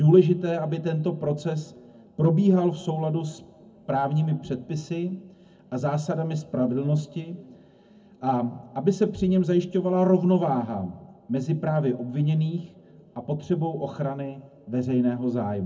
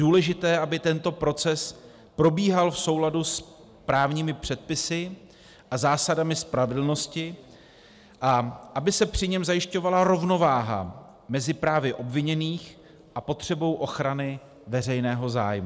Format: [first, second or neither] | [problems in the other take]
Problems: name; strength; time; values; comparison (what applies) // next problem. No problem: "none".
second | room echo; dies away in 0.3 s